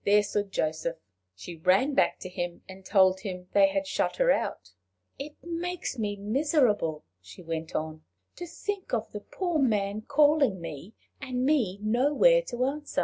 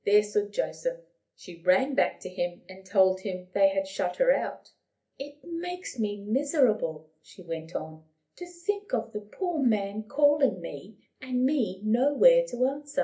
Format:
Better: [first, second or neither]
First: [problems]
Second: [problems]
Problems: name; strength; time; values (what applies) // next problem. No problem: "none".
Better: first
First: none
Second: room echo; dies away in 0.3 s